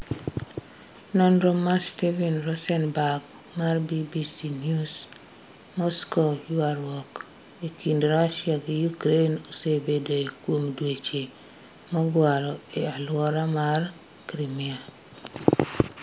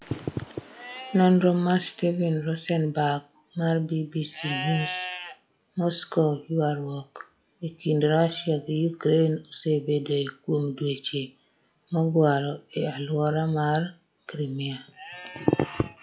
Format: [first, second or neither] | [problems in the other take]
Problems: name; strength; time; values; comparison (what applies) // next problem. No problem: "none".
first | noise reduction (classical method log-MMSE)